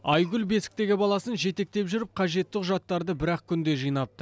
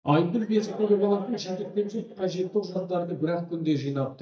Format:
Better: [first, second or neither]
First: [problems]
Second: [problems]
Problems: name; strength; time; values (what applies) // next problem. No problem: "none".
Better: first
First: none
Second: noise reduction (neural mask model DeepFilterNet 3)